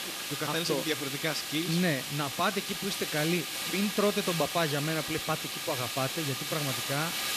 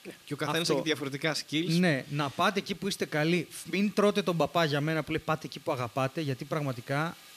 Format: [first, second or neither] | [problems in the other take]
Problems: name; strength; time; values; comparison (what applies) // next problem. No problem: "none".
second | hiss; loud; throughout; 2 dB below the speech; faint in the second